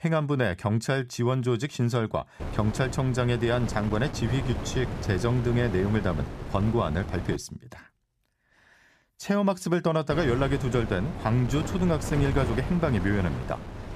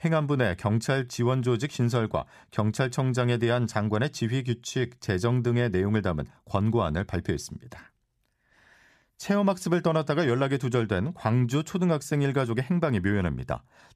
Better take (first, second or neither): second